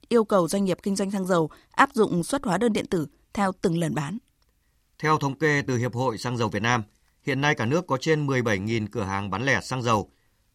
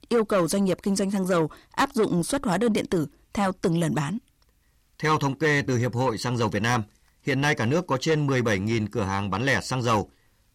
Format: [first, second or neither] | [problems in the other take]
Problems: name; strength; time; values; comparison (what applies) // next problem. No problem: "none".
first | distortion; slight; 10 dB below the speech